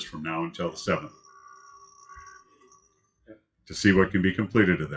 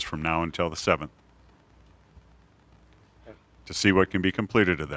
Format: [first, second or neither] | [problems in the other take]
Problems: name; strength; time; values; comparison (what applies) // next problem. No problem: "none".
second | noise reduction (classical method WPE with log-MMSE)